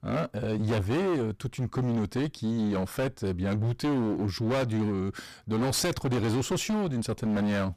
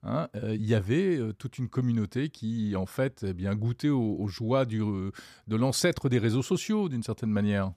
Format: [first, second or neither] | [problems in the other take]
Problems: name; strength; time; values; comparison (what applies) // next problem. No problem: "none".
second | distortion; heavy; 30% of the sound clipped